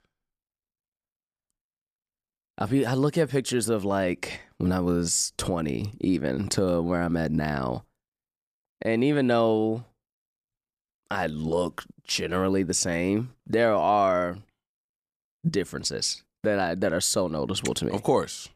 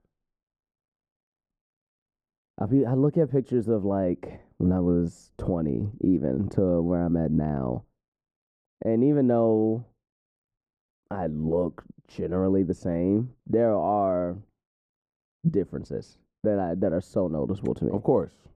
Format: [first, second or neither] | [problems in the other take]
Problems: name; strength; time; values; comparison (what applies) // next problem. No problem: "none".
first | muffled; very; fading above 1.5 kHz